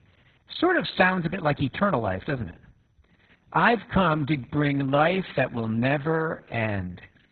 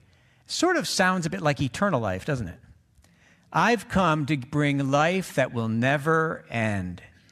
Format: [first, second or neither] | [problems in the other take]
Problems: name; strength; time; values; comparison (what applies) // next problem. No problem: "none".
second | garbled, watery; badly; nothing above 4 kHz